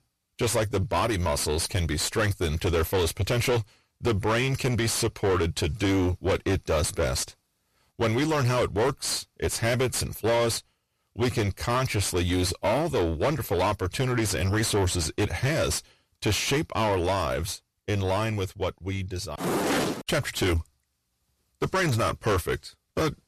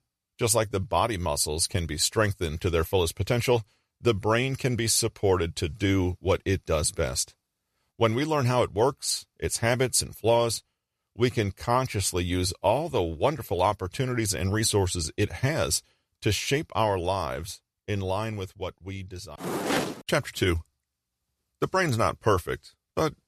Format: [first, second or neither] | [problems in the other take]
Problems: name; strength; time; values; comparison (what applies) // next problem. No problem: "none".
second | distortion; heavy; 5 dB below the speech